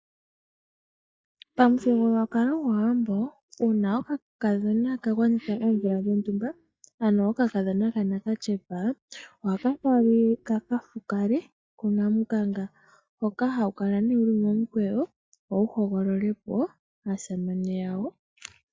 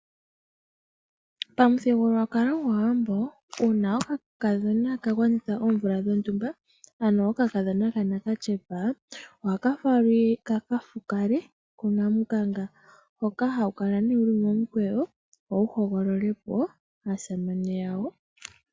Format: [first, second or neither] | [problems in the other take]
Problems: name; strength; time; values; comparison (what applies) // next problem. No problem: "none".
second | noise reduction (neural mask model DeepFilterNet 3)